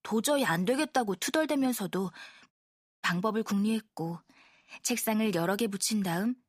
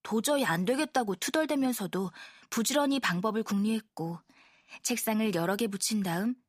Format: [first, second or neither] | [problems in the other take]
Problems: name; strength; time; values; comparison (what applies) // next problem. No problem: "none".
second | audio cutting out; at 2.5 s for 0.5 s